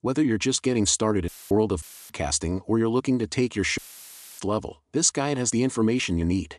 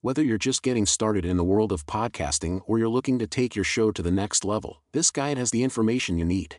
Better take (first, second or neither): second